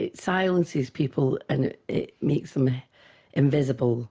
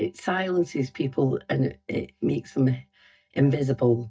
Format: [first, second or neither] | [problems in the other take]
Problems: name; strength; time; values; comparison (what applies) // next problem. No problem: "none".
first | noise reduction (neural mask model DeepFilterNet 3)